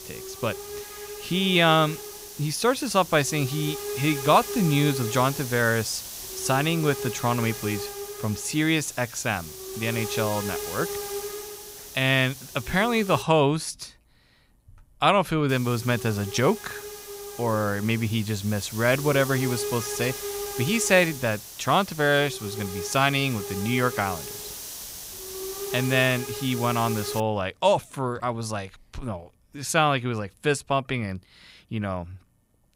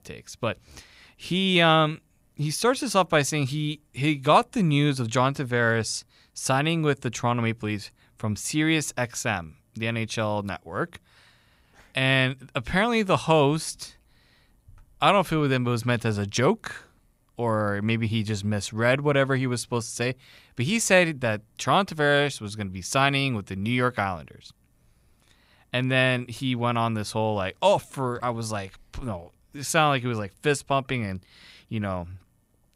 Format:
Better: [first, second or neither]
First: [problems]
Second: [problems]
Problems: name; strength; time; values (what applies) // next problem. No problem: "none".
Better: second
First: hiss; loud; until 13 s and from 15 to 27 s; 9 dB below the speech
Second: none